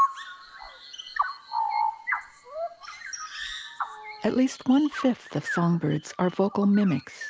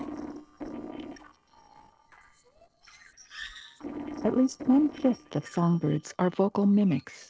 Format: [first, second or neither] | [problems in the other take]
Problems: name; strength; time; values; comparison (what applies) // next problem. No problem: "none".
first | noise reduction (neural separator model SepFormer DNS4)